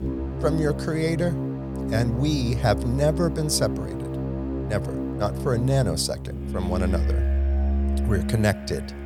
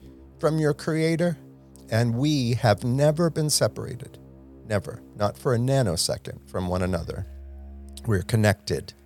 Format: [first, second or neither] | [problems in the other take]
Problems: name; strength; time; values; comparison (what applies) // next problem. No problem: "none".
second | background music; loud; throughout; 2 dB below the speech; faint in the second